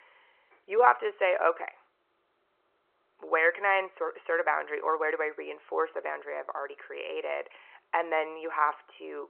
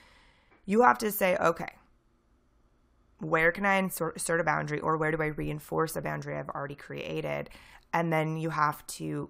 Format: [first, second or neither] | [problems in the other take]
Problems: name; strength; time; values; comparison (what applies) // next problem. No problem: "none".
second | phone-call audio